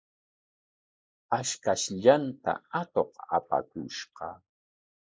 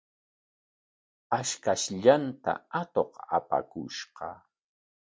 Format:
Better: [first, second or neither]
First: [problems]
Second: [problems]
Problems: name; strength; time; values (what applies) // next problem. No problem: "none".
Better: second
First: noise reduction (neural mask model Resemble Enhance denoiser)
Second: none